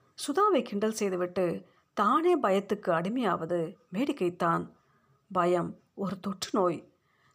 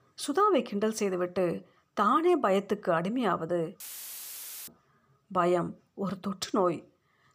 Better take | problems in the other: first | audio cutting out; filled with static; at 4 s for 1 s

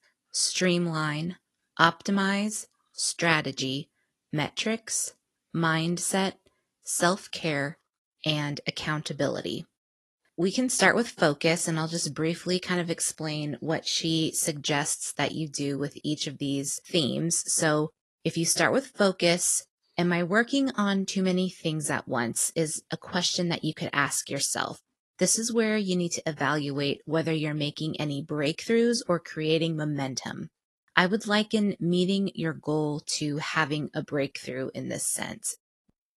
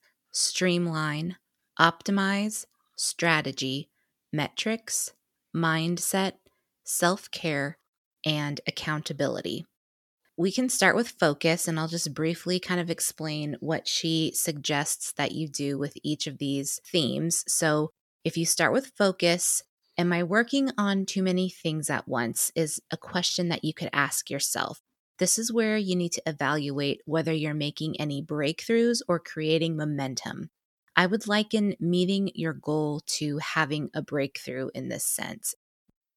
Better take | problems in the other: second | garbled, watery; slightly; nothing above 11 kHz

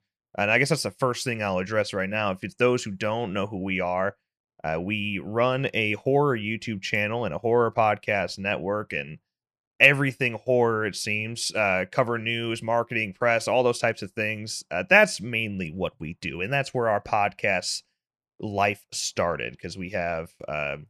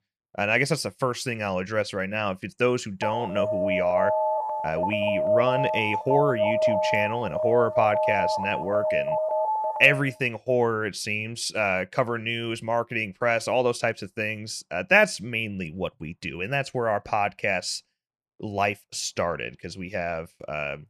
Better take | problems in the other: first | alarm; loud; from 3 to 10 s; peak 3 dB above the speech

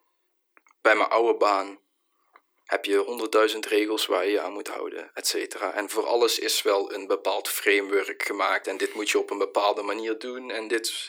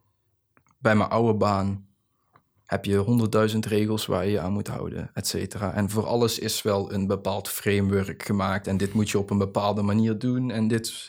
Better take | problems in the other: second | thin; very; fading below 300 Hz

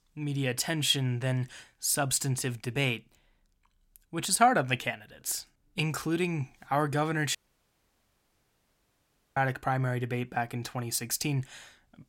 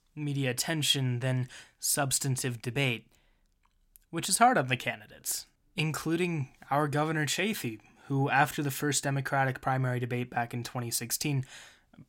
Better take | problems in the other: second | audio cutting out; at 7.5 s for 2 s

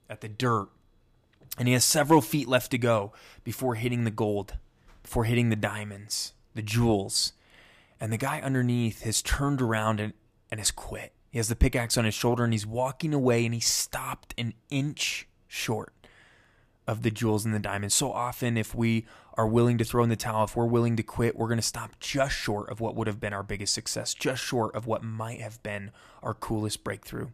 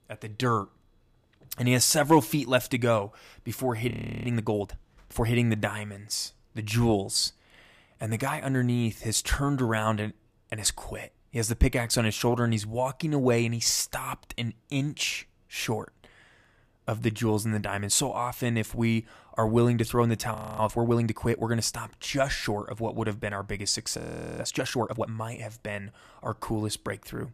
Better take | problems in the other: first | audio freezing; at 4 s, at 20 s and at 24 s

